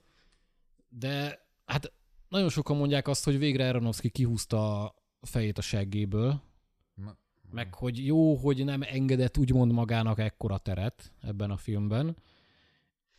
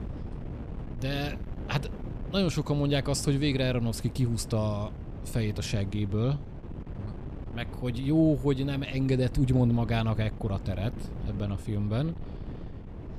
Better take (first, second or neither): first